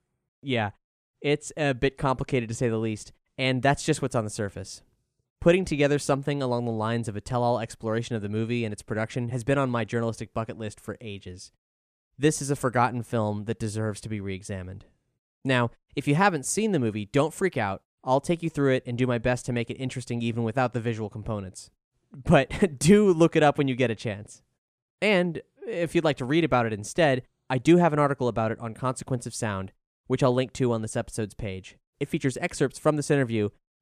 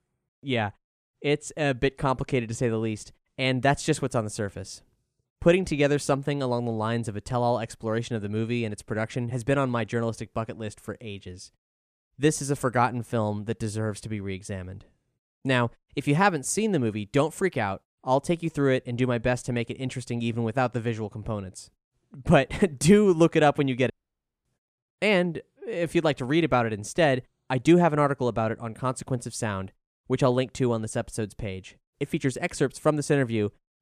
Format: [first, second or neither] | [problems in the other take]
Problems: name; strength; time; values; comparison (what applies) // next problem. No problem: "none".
first | audio cutting out; at 24 s for 0.5 s